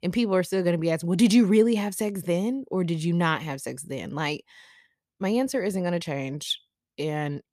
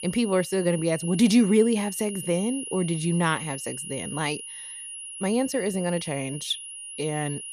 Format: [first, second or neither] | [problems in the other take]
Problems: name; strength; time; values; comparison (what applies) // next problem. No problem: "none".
first | high-pitched whine; loud; throughout; 10.5 kHz, 10 dB below the speech